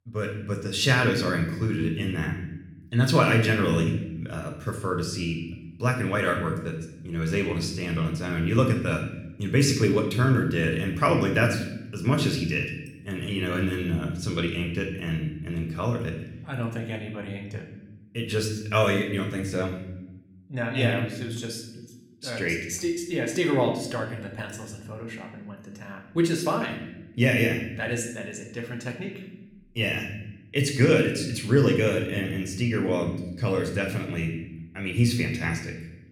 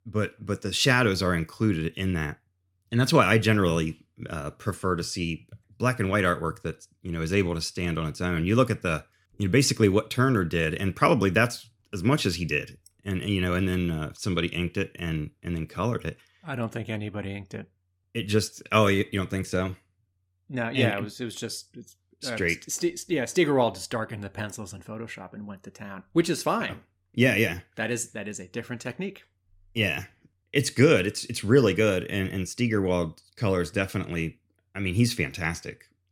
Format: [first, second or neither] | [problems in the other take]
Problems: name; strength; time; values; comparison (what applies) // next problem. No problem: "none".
second | room echo; slight; dies away in 0.8 s // off-mic speech; somewhat distant